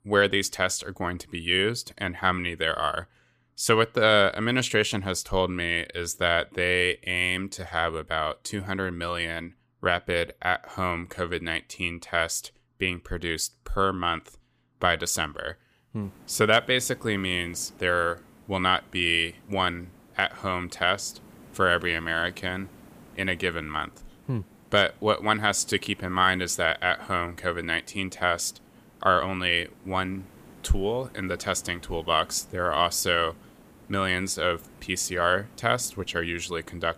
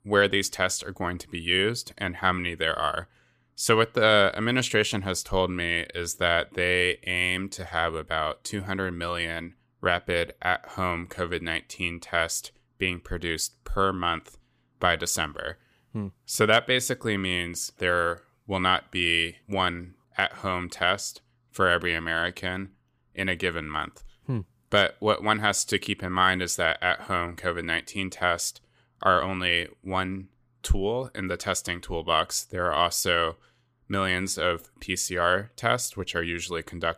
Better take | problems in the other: second | hiss; faint; from 16 s on; 25 dB below the speech

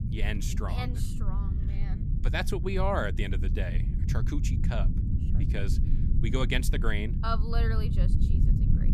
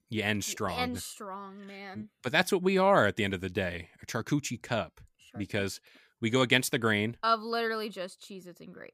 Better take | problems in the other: second | low rumble; loud; throughout; 9 dB below the speech

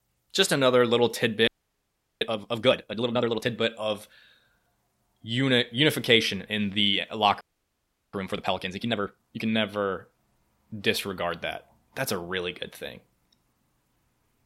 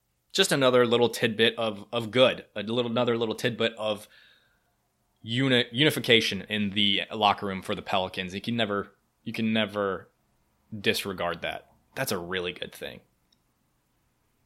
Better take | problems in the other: second | audio freezing; at 1.5 s for 0.5 s and at 7.5 s for 0.5 s

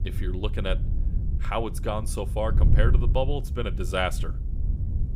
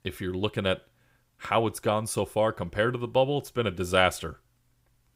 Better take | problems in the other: second | wind noise on the microphone; occasional gusts; 15 dB below the speech

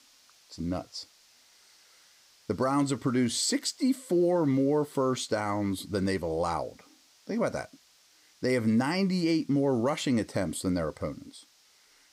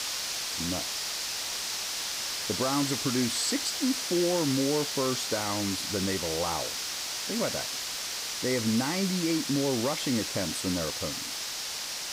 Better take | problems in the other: first | hiss; loud; throughout; as loud as the speech; faint in the first

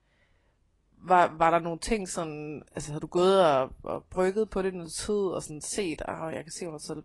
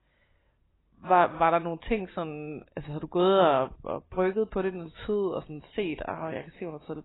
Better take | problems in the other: first | garbled, watery; badly; nothing above 4 kHz; slightly in the first

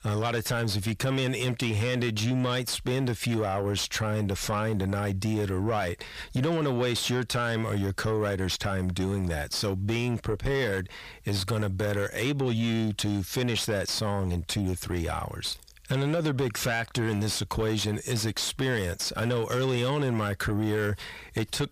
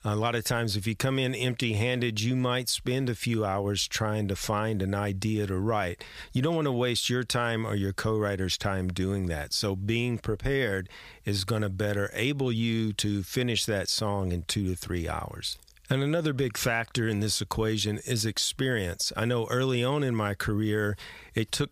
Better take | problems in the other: second | distortion; slight; 10 dB below the speech

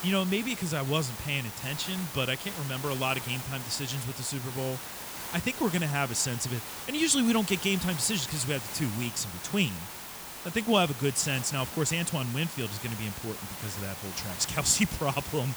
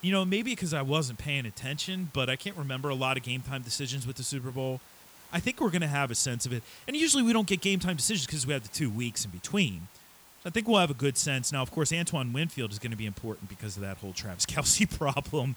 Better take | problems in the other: second | hiss; loud; throughout; 8 dB below the speech; faint in the second

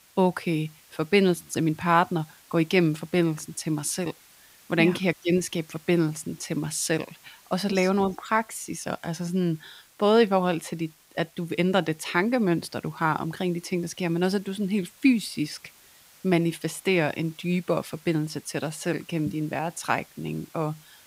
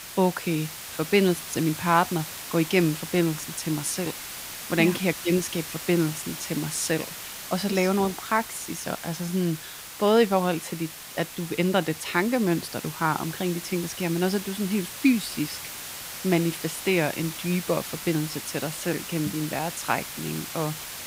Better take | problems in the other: first | hiss; loud; throughout; 9 dB below the speech; faint in the first

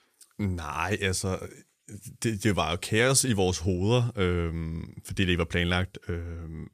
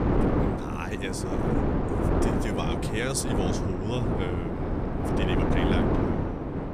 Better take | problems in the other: first | wind noise on the microphone; heavy; 4 dB above the speech

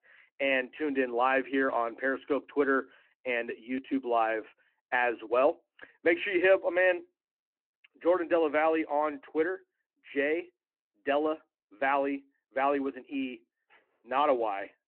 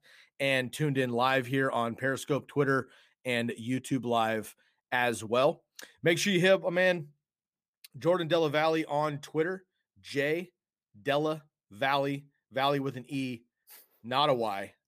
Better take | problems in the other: second | phone-call audio

